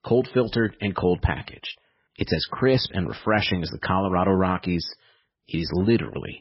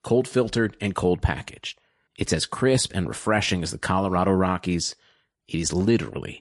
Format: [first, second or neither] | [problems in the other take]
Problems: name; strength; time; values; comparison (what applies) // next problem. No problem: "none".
second | garbled, watery; badly; nothing above 5.5 kHz; slightly in the second